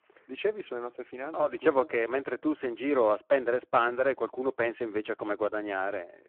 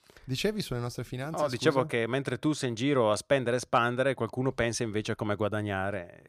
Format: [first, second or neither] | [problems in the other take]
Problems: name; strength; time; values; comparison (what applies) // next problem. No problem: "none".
second | phone-call audio; poor line